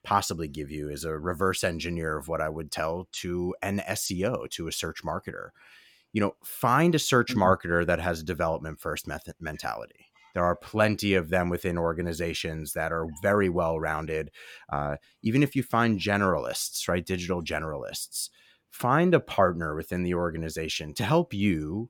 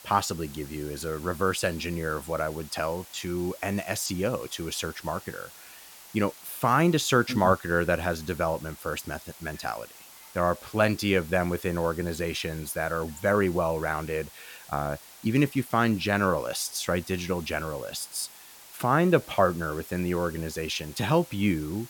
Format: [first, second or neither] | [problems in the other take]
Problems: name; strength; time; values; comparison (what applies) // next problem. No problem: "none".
first | hiss; noticeable; throughout; 20 dB below the speech